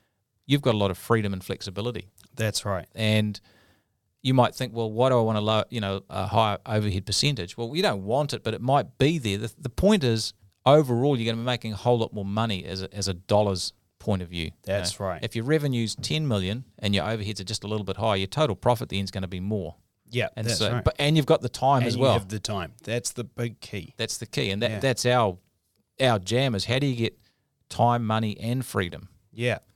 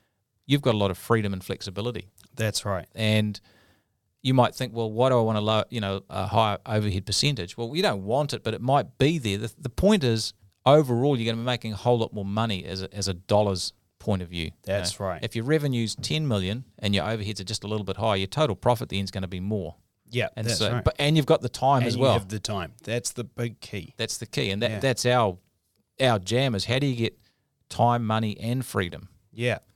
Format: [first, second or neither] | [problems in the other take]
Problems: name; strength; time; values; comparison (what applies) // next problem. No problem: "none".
neither | none